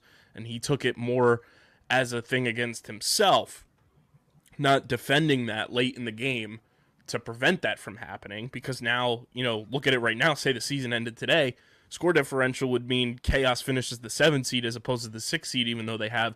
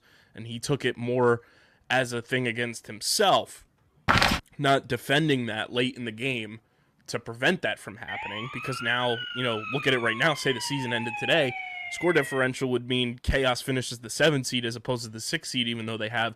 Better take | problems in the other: first | footsteps; loud; at 4 s; peak 5 dB above the speech // siren; noticeable; from 8 to 12 s; peak 6 dB below the speech

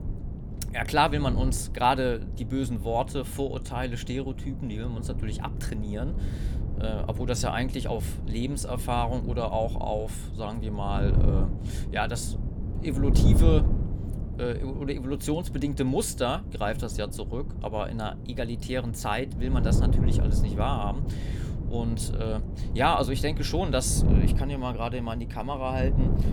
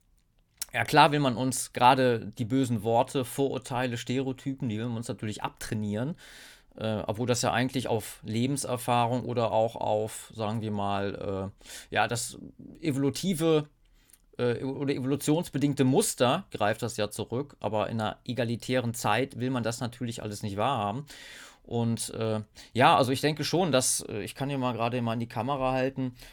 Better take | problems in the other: second | wind noise on the microphone; occasional gusts; 10 dB below the speech

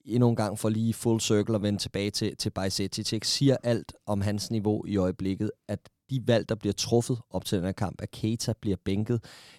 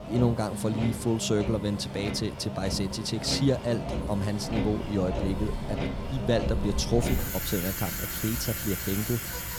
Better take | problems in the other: first | traffic noise; loud; throughout; 3 dB below the speech

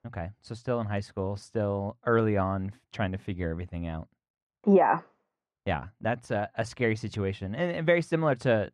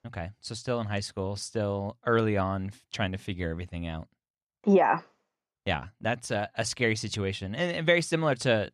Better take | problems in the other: second | muffled; slightly; fading above 2.5 kHz

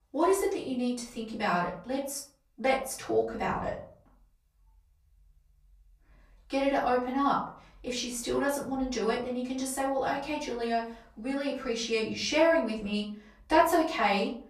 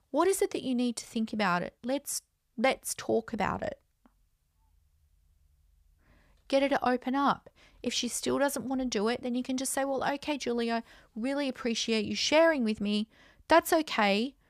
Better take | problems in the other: second | off-mic speech; far // room echo; slight; dies away in 0.4 s

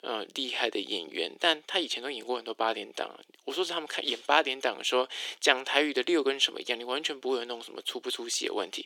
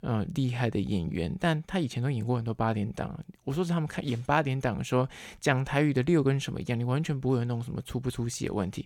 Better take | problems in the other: second | thin; very; fading below 350 Hz

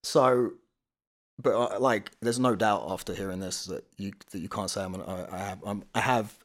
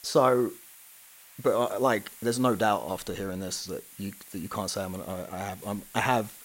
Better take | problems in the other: first | hiss; noticeable; throughout; 20 dB below the speech

